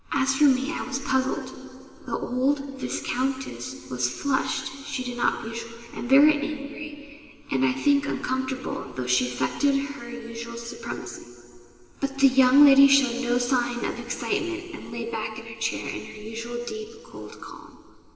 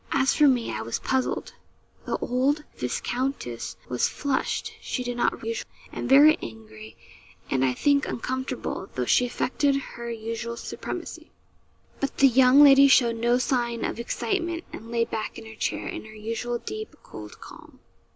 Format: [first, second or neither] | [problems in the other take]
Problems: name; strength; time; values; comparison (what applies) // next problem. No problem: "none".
second | room echo; dies away in 2.6 s